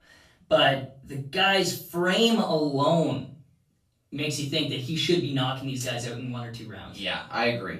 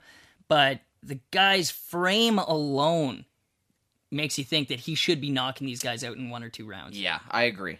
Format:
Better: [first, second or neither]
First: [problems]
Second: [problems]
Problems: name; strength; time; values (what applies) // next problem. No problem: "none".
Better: second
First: off-mic speech; far // room echo; slight; dies away in 0.4 s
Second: none